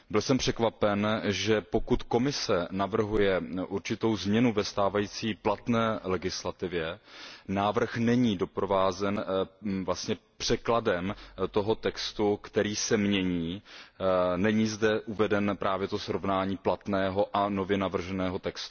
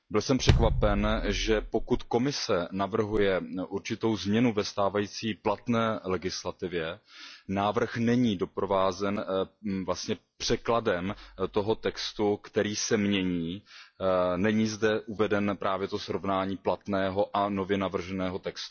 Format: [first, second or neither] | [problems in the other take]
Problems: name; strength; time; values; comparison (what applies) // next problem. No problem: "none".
first | noise reduction (classical method log-MMSE)